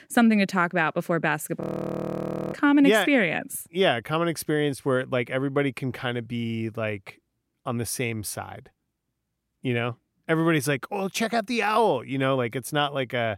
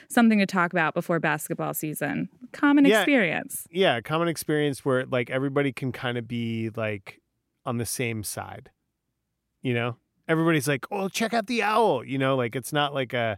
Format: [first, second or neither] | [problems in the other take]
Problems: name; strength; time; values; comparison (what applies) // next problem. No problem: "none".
second | audio freezing; at 1.5 s for 1 s